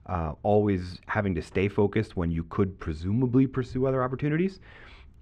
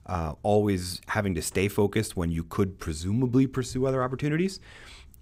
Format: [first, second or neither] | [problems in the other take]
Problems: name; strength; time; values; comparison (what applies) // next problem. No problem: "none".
second | muffled; slightly; fading above 2.5 kHz